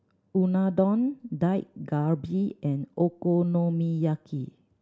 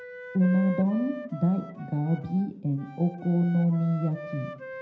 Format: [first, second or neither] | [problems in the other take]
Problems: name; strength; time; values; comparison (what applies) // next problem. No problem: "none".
first | background sound (Wind instrument, woodwind instrument); 14 dB below the speech // room echo; dies away in 0.9 s